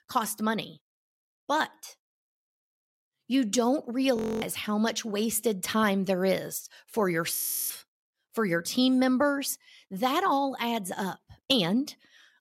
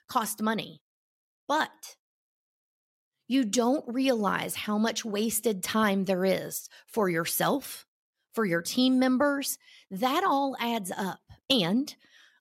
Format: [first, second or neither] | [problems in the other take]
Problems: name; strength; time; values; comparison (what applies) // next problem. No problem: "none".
second | audio freezing; at 4 s and at 7.5 s